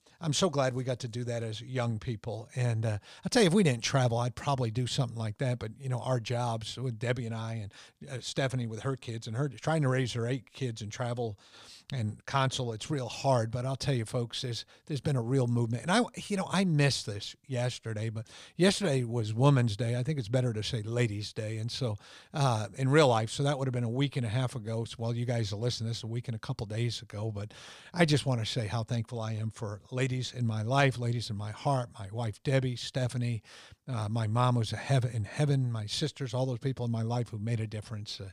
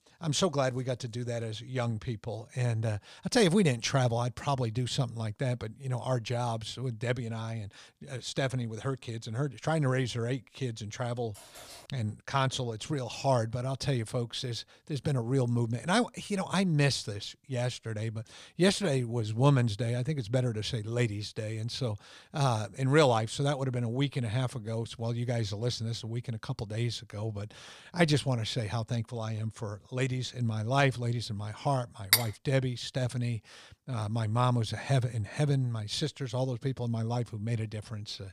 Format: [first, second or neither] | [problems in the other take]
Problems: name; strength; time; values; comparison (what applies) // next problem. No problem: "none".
first | keyboard typing; faint; at 11 s; peak 20 dB below the speech // clattering dishes; loud; at 32 s; peak 5 dB above the speech